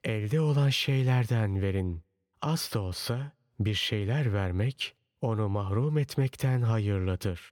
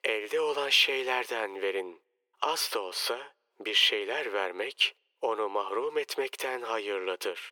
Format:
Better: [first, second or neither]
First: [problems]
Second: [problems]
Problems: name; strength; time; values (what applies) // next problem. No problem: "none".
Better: first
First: none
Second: thin; very; fading below 400 Hz